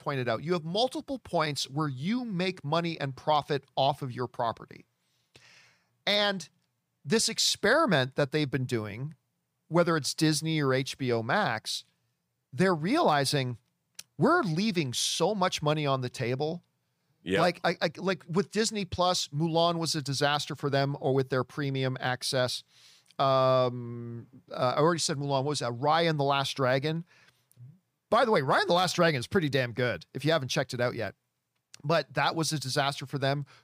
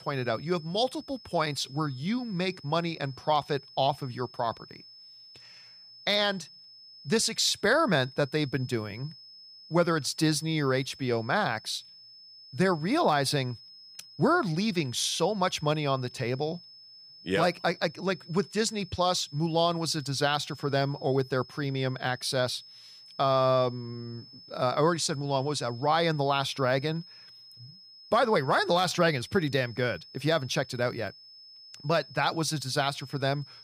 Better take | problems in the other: first | high-pitched whine; noticeable; throughout; 5 kHz, 20 dB below the speech

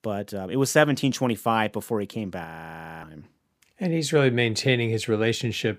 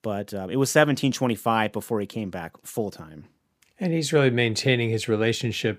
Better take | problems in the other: second | audio freezing; at 2.5 s for 0.5 s

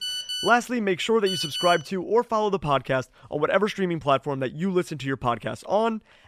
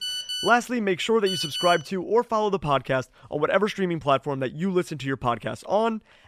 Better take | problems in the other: neither | phone ringing; noticeable; until 2 s; peak 3 dB below the speech; the same in both

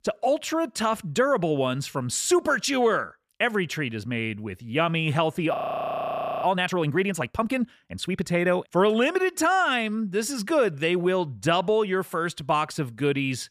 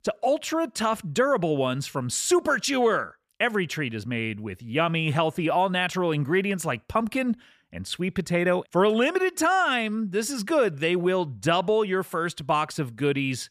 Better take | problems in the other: second | audio freezing; at 5.5 s for 1 s

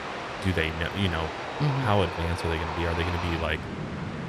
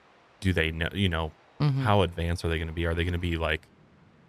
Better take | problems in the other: second | train or aircraft noise; loud; throughout; 5 dB below the speech; faint in the second

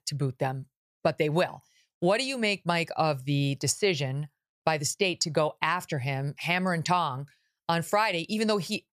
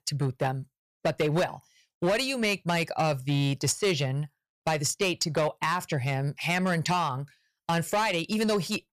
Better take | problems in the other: first | distortion; slight; 8% of the sound clipped

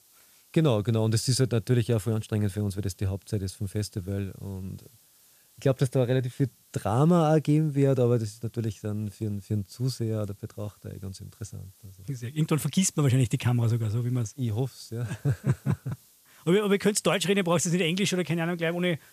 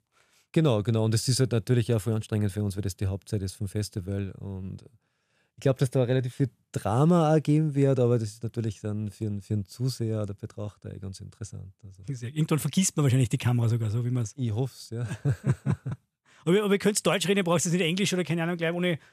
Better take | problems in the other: second | hiss; faint; throughout; 30 dB below the speech

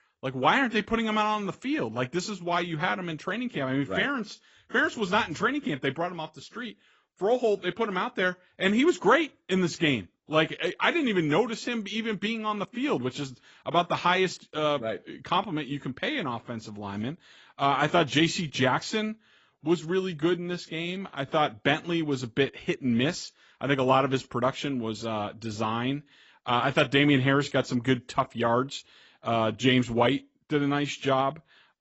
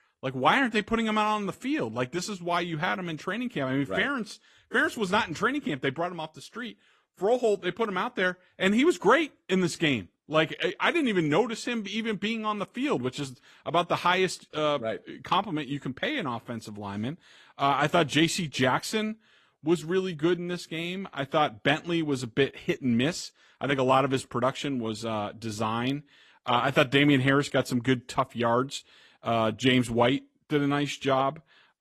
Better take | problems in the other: second | garbled, watery; badly; nothing above 7.5 kHz; slightly in the second

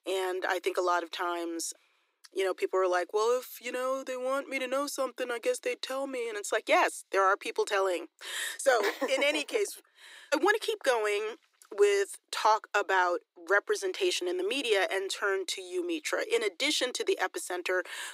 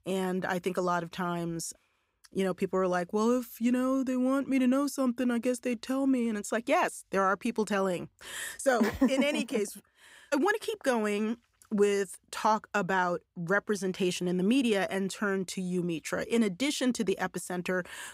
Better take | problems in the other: second | thin; very; fading below 300 Hz

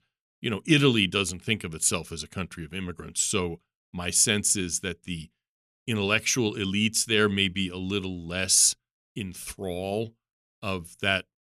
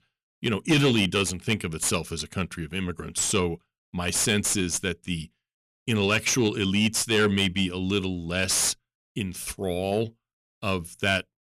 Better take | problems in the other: first | distortion; heavy; 7 dB below the speech

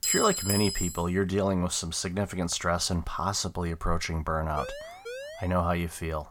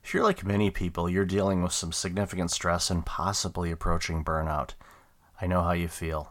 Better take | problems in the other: second | clattering dishes; loud; at the start; peak 3 dB above the speech // siren; faint; at 4.5 s; peak 10 dB below the speech

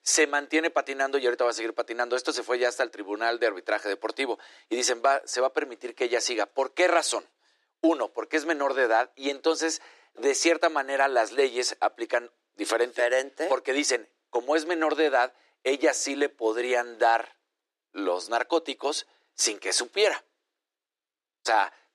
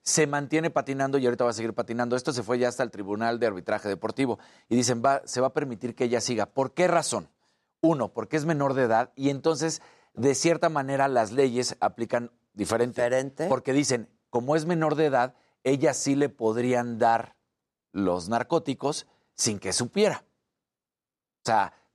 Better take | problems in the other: second | thin; somewhat; fading below 300 Hz

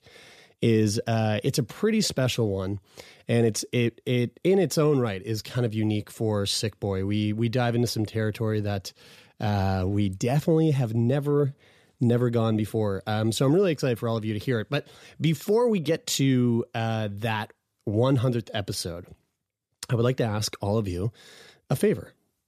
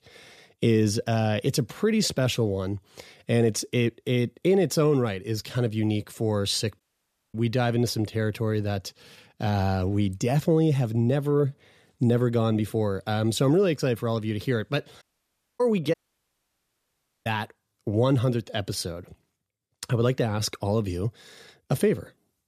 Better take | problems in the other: first | audio cutting out; at 7 s for 0.5 s, at 15 s for 0.5 s and at 16 s for 1.5 s

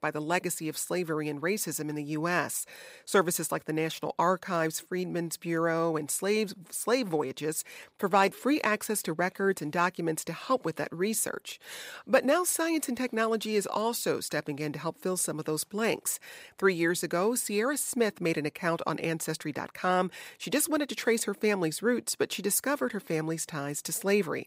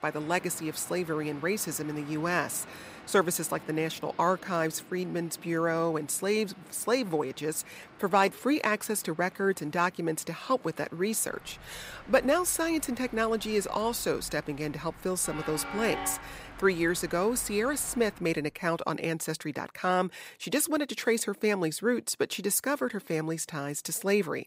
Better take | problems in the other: first | train or aircraft noise; noticeable; until 18 s; 15 dB below the speech

